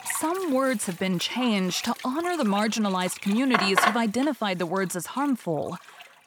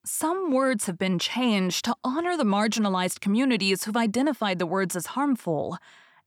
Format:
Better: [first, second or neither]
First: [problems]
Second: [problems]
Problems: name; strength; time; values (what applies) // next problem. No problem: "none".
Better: second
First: household noises; loud; throughout; 5 dB below the speech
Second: none